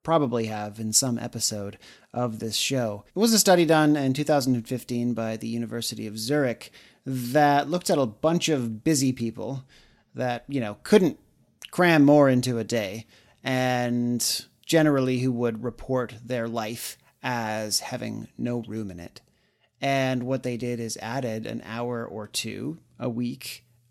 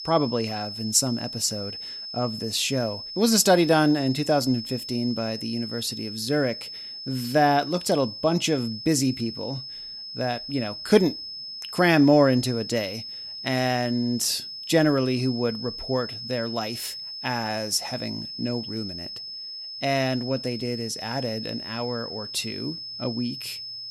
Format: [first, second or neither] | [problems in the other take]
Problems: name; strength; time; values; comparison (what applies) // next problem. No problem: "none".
first | high-pitched whine; loud; throughout; 5 kHz, 9 dB below the speech